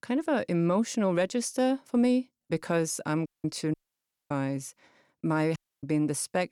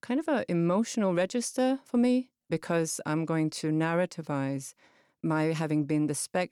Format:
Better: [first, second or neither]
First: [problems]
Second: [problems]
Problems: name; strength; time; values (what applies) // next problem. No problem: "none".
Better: second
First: audio cutting out; at 3.5 s for 0.5 s and at 5.5 s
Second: none